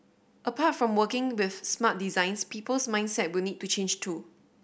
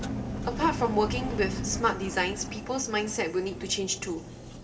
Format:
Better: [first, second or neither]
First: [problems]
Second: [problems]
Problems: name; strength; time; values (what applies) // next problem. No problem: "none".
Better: first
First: none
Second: background sound (Engine); 5 dB below the speech // room echo; dies away in 2.9 s